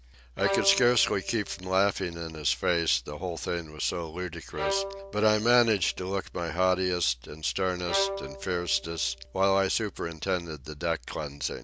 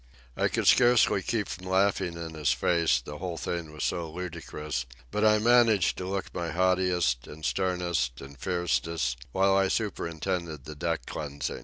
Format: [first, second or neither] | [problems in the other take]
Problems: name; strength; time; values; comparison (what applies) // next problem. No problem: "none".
second | background sound (Bowed string instrument); 9 dB below the speech